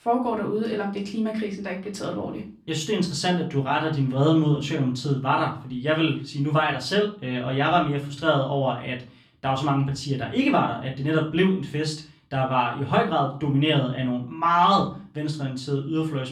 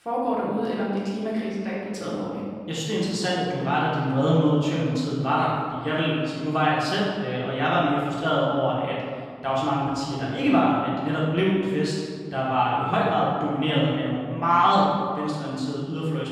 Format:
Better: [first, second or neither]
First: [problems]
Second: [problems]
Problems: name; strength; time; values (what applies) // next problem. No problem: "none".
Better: first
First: room echo; slight; dies away in 0.4 s // off-mic speech; far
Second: room echo; strong; dies away in 1.8 s // off-mic speech; far